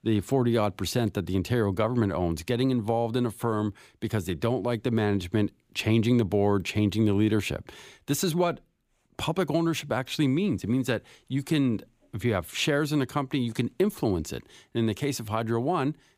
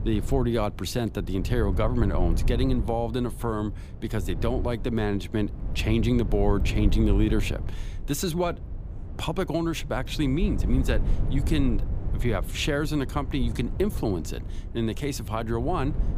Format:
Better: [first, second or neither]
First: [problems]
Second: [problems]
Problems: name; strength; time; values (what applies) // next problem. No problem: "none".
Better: first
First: none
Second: wind noise on the microphone; occasional gusts; 15 dB below the speech